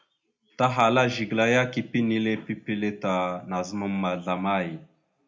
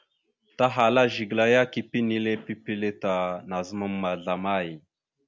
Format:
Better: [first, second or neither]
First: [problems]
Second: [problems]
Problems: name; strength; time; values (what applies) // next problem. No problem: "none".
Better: second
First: room echo; dies away in 0.3 s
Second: none